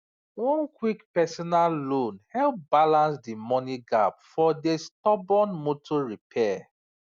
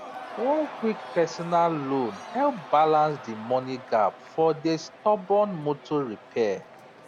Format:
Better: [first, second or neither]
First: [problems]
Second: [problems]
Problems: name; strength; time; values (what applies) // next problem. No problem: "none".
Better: first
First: none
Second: background sound (Crowd / Cheering); 16 dB below the speech